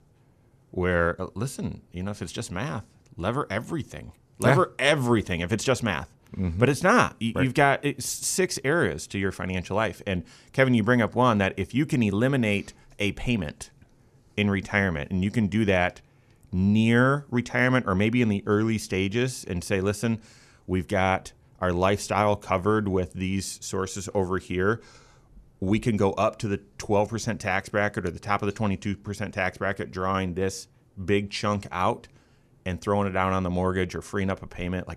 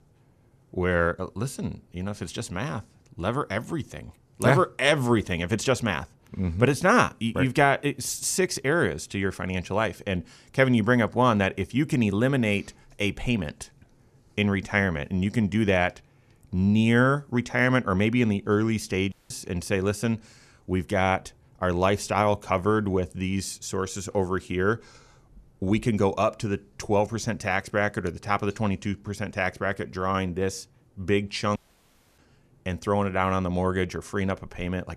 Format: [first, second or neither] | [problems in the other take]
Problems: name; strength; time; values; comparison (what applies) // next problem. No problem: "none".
first | audio cutting out; at 19 s and at 32 s for 0.5 s